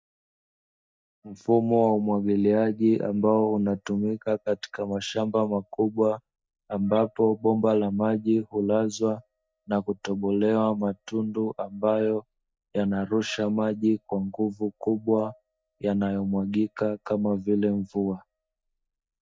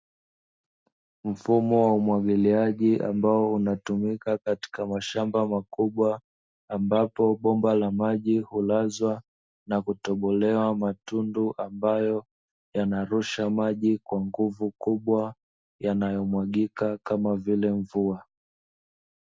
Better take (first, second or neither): second